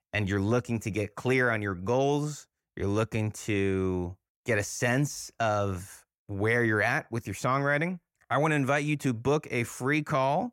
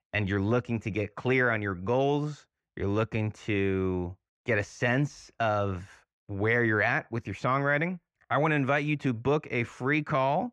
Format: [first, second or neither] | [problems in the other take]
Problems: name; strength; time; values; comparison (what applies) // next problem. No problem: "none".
first | muffled; slightly; fading above 3 kHz